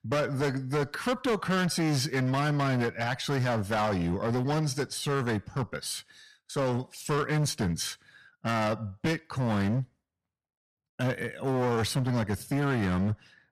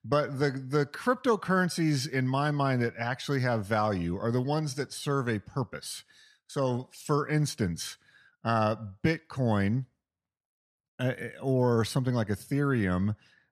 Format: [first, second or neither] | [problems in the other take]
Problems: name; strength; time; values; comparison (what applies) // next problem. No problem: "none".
second | distortion; heavy; 17% of the sound clipped